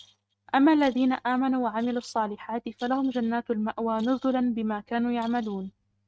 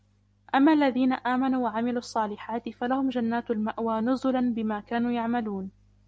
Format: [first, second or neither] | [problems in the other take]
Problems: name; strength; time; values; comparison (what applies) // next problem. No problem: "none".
second | noise reduction (neural mask model RNNoise)